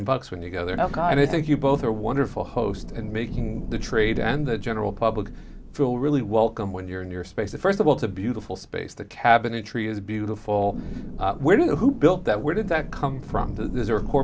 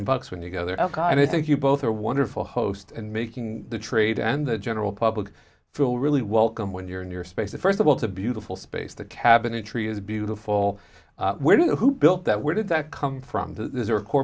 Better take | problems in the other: second | background sound (Thunder / Rain); 10 dB below the speech

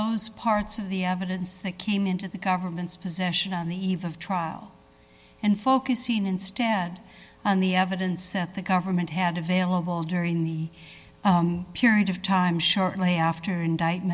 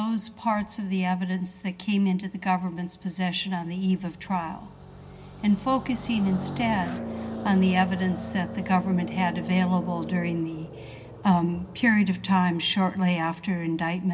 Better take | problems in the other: first | background sound (Car passing by); 13 dB below the speech // room echo; dies away in 0.3 s

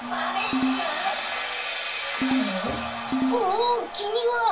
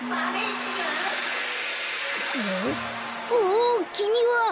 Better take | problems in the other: second | background sound (Ringtone); 2 dB below the speech // room echo; dies away in 0.2 s

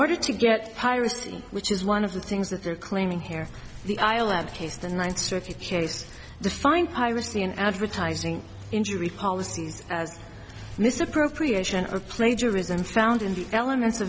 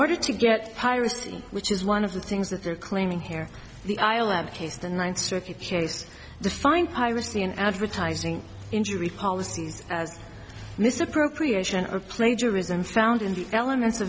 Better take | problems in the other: second | background sound (Tools); 17 dB below the speech

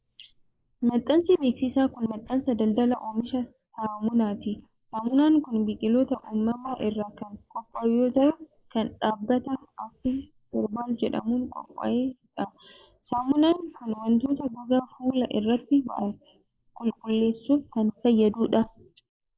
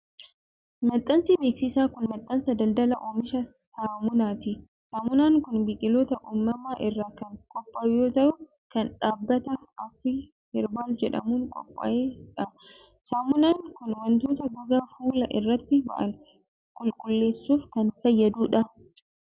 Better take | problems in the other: second | noise reduction (neural mask model Resemble Enhance denoiser)

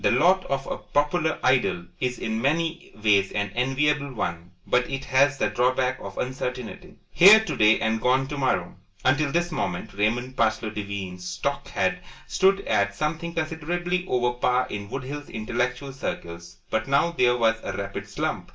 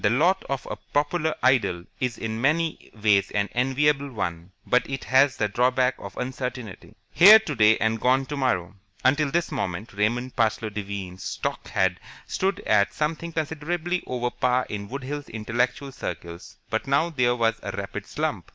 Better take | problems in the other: second | room echo; dies away in 0.2 s

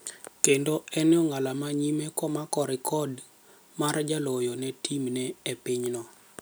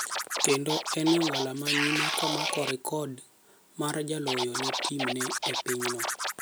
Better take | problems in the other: first | background sound (Scratching (performance technique)); 1 dB below the speech

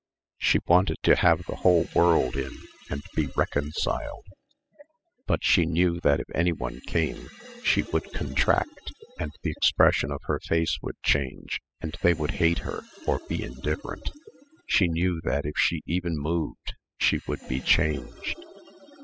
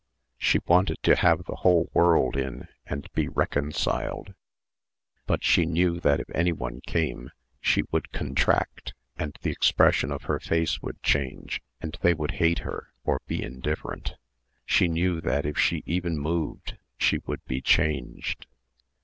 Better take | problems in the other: second | noise reduction (classical method spectral subtraction)

